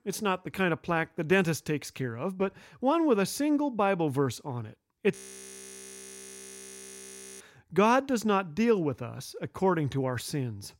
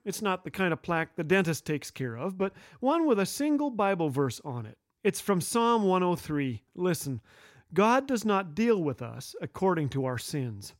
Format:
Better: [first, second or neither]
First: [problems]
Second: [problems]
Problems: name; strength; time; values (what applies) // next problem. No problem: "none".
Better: second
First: audio freezing; at 5 s for 2.5 s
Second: none